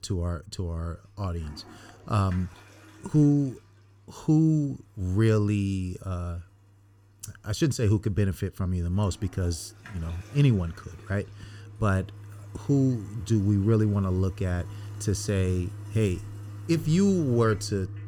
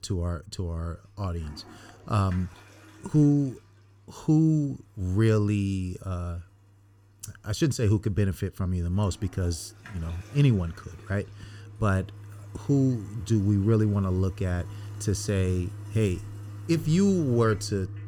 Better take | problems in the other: neither | household noises; noticeable; throughout; 15 dB below the speech; the same in both

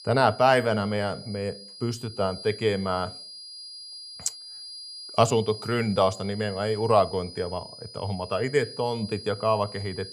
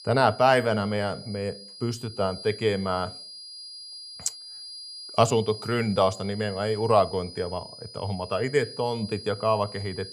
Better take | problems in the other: neither | high-pitched whine; noticeable; throughout; 5 kHz, 15 dB below the speech; the same in both

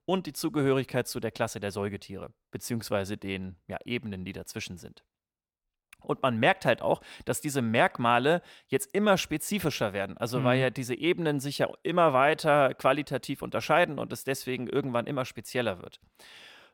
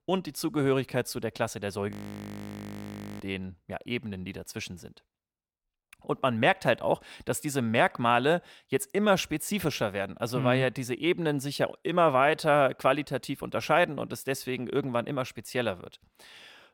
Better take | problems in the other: first | audio freezing; at 2 s for 1.5 s

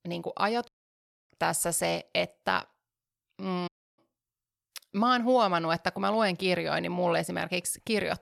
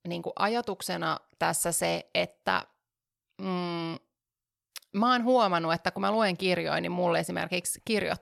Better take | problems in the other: second | audio cutting out; at 0.5 s for 0.5 s and at 3.5 s

